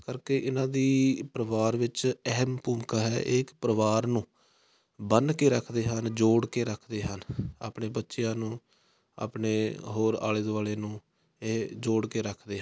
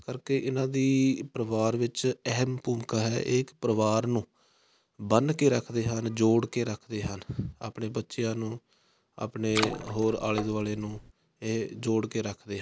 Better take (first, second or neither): first